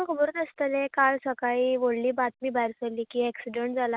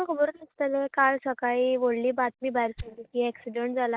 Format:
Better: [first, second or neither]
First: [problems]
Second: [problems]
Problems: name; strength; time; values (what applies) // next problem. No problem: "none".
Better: first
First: none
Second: noise reduction (neural mask model DeepFilterNet 3)